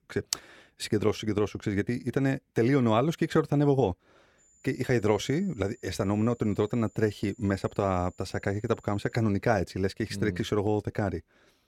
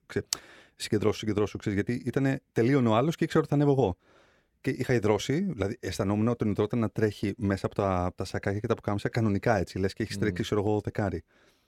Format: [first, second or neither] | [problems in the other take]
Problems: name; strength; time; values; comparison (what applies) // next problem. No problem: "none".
second | high-pitched whine; faint; from 4.5 to 9 s; 7 kHz, 30 dB below the speech